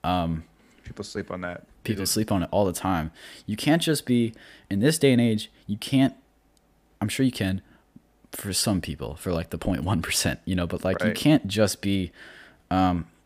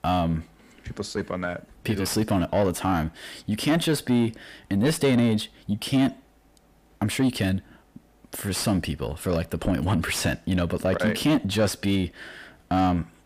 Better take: first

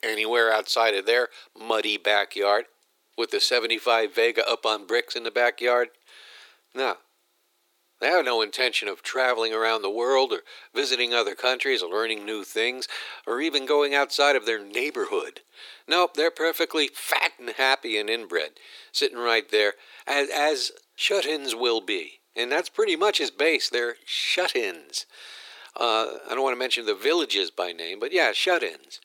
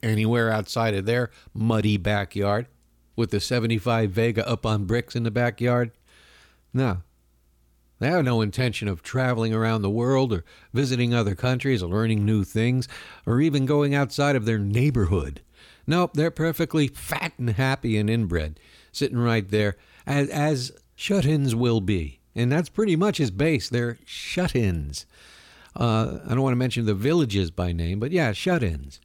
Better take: second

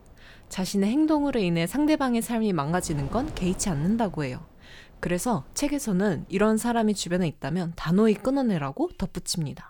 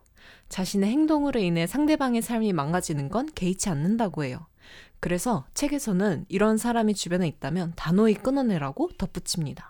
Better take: second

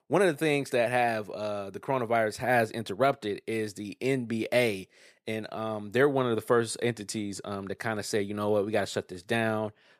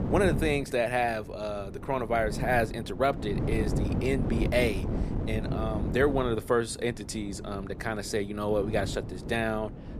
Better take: first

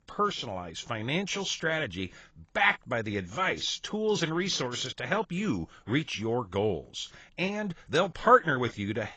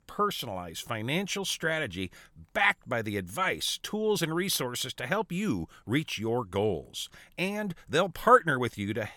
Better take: second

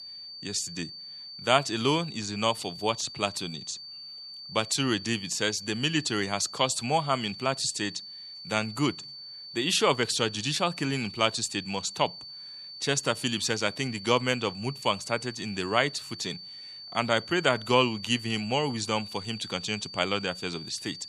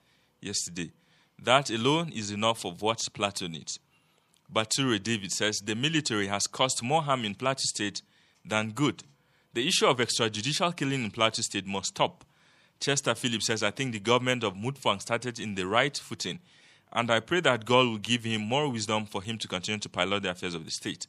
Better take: second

